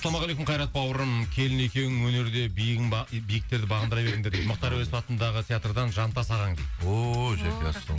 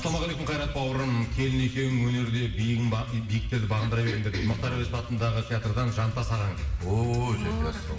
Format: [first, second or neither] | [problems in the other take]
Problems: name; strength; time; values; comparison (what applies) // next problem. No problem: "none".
first | room echo; dies away in 2.2 s